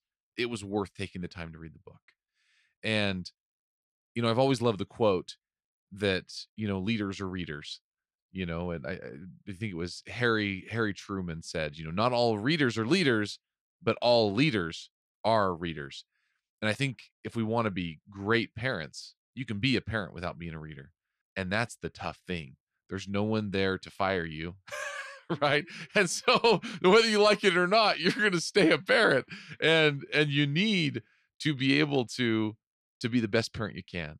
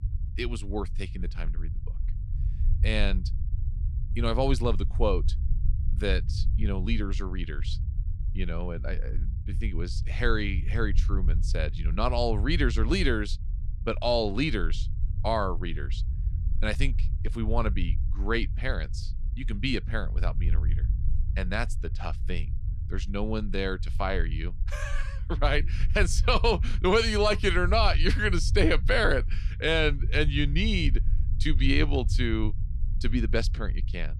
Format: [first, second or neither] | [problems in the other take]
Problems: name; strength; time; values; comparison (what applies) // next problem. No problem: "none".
first | low rumble; noticeable; throughout; 20 dB below the speech